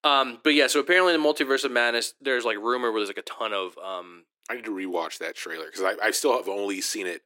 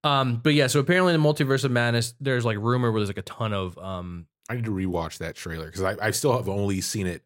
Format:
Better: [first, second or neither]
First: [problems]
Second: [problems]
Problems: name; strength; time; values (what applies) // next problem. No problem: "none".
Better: second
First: thin; somewhat; fading below 300 Hz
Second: none